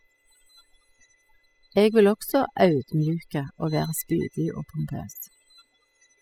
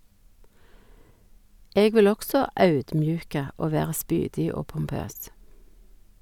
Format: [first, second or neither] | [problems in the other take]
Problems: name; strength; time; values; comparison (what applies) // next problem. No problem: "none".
second | noise reduction (classical method spectral subtraction)